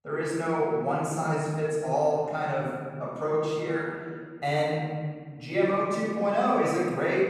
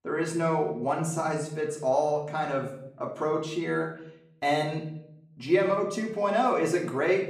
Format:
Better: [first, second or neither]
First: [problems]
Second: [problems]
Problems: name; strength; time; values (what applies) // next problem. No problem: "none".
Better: second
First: room echo; strong; dies away in 1.9 s // off-mic speech; far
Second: room echo; slight; dies away in 0.6 s // off-mic speech; far